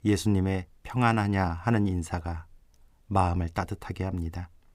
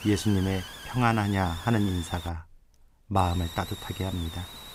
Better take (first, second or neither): first